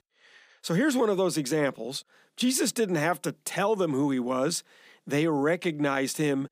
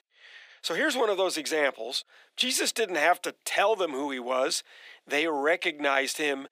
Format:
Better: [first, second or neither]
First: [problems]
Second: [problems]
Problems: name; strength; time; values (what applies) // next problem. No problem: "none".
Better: first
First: none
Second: thin; somewhat; fading below 350 Hz